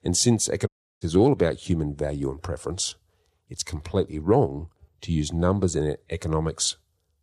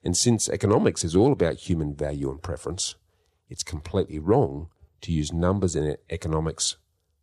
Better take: second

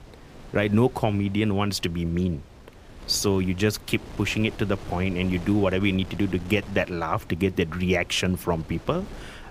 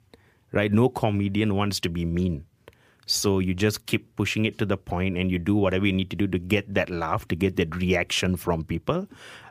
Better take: second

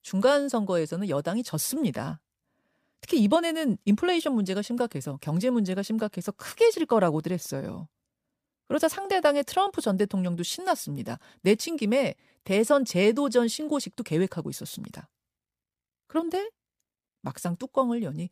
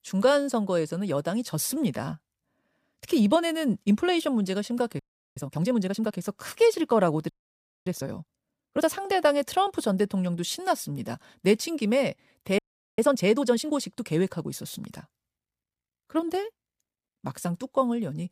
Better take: first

